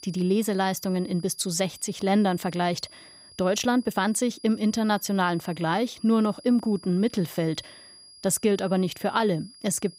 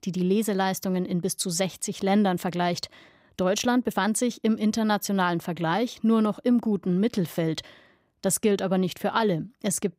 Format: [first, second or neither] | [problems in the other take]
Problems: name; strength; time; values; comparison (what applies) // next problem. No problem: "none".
second | high-pitched whine; faint; throughout; 5 kHz, 20 dB below the speech